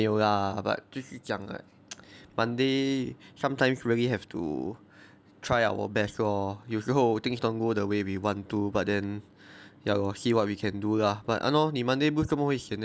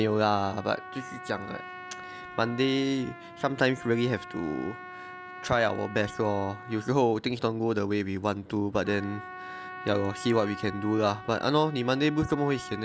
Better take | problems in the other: first | background sound (Trumpet); 15 dB below the speech

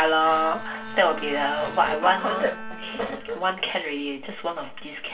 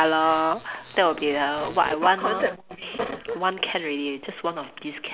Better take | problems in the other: second | background sound (Bowed string instrument); 15 dB below the speech // room echo; dies away in 0.2 s

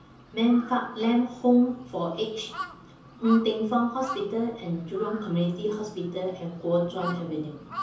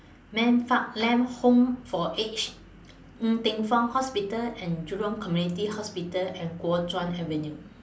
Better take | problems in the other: second | background sound (Crow); 15 dB below the speech // room echo; dies away in 0.7 s

